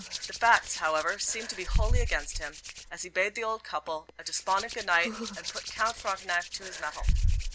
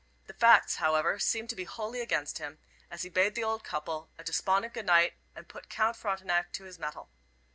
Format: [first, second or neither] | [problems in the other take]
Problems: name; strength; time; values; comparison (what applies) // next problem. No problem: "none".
second | background sound (Hands); 1 dB below the speech